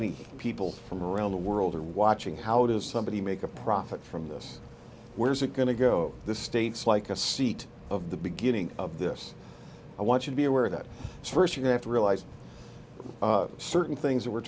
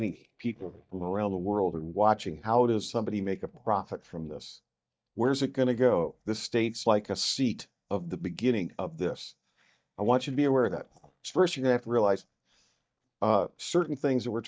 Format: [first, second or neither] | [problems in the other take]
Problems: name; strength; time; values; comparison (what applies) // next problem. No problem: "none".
first | noise reduction (neural mask model DeepFilterNet 3)